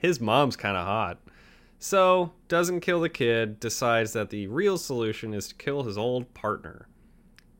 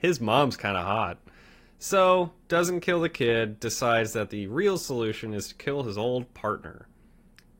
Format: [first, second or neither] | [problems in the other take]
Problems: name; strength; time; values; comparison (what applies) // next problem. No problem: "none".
first | garbled, watery; slightly; nothing above 16 kHz